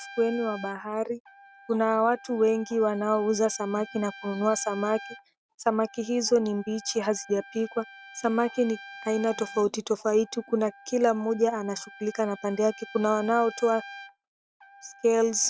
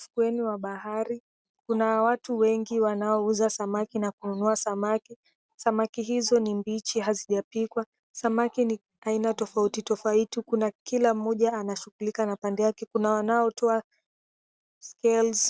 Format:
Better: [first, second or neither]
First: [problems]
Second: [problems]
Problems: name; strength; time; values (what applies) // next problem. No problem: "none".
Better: second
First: background sound (Trumpet); 19 dB below the speech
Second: none